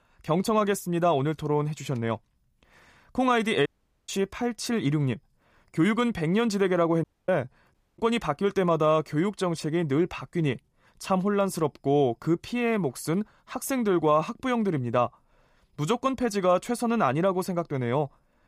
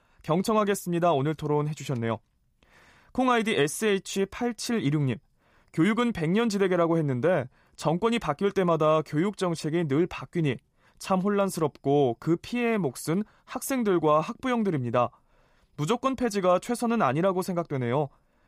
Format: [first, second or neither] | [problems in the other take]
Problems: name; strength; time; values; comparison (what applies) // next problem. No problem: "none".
second | audio cutting out; at 3.5 s, at 7 s and at 7.5 s